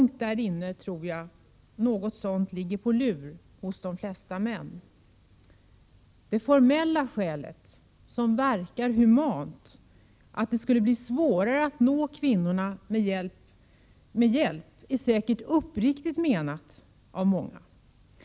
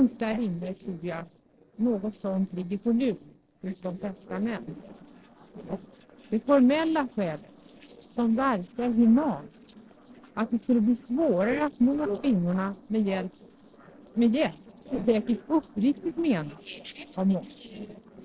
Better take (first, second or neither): first